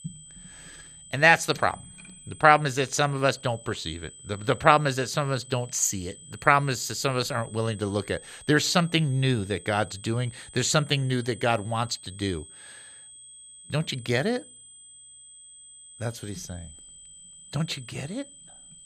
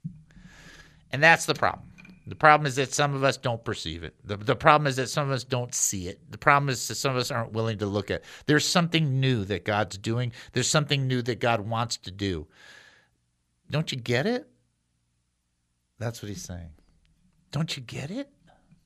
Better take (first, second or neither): second